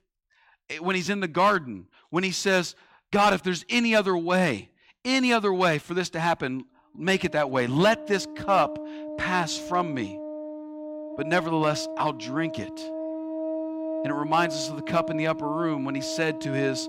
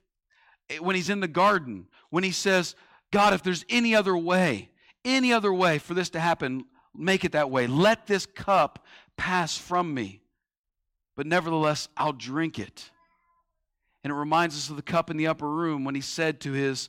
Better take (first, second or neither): second